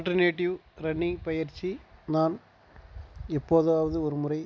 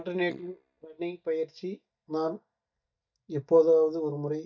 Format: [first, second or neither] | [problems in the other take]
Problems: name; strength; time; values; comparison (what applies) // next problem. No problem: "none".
first | noise reduction (neural mask model DeepFilterNet 3)